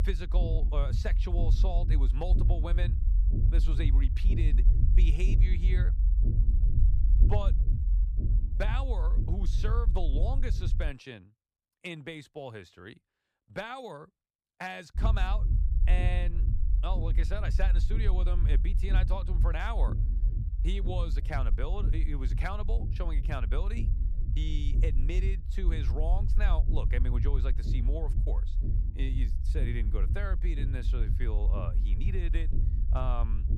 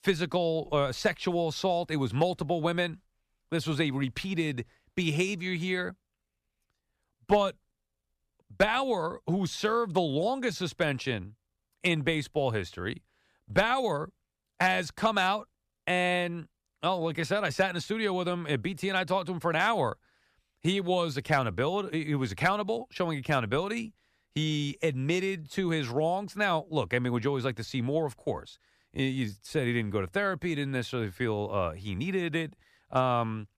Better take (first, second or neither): second